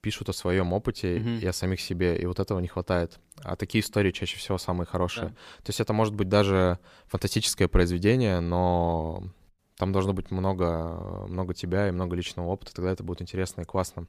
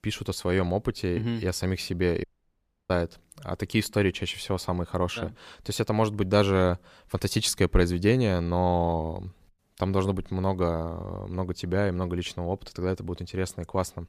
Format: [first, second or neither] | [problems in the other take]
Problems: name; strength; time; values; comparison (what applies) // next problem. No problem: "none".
first | audio cutting out; at 2 s for 0.5 s